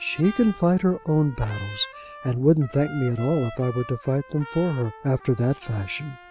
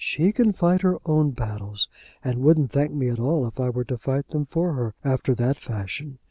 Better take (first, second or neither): second